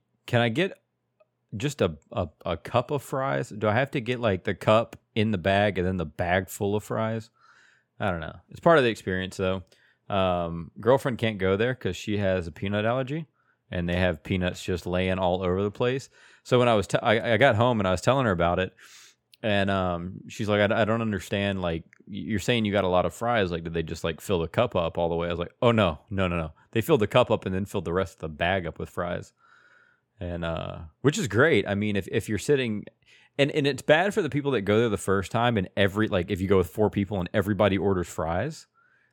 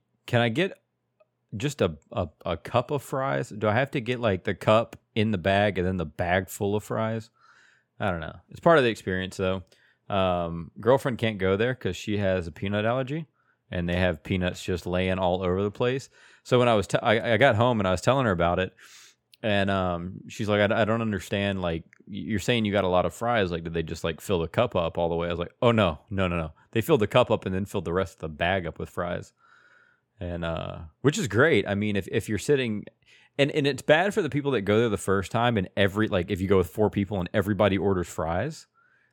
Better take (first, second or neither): neither